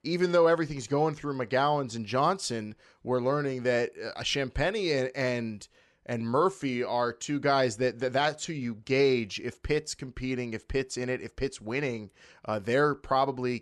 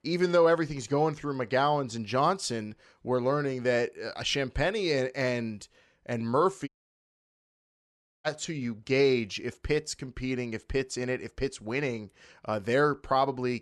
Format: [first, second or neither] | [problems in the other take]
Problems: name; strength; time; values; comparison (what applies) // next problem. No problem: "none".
first | audio cutting out; at 6.5 s for 1.5 s